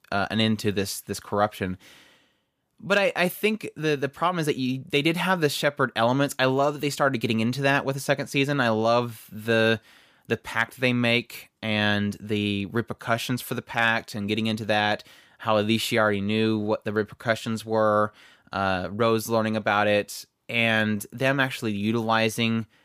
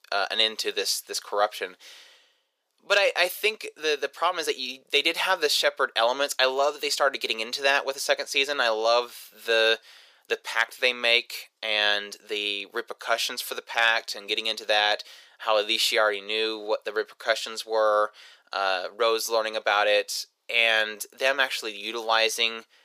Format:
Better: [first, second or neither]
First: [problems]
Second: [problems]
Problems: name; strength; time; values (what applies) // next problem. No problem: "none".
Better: first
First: none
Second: thin; very; fading below 450 Hz